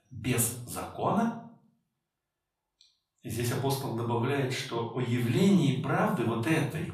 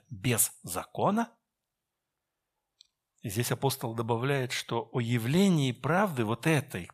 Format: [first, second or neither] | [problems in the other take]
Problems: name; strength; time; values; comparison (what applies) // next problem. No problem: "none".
second | off-mic speech; far // room echo; noticeable; dies away in 0.5 s